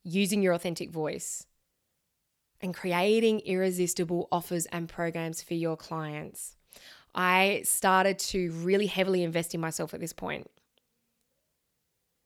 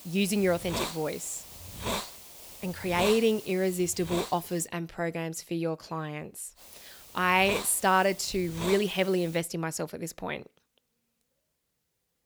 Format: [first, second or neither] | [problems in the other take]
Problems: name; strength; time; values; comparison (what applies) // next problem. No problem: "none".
first | hiss; loud; until 4.5 s and from 6.5 to 9.5 s; 10 dB below the speech